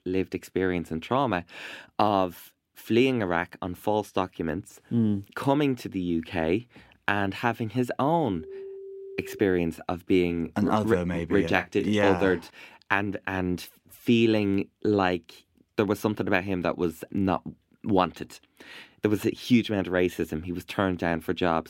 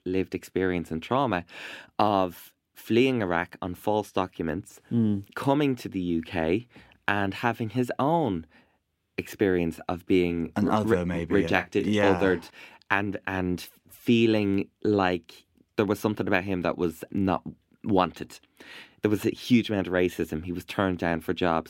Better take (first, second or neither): second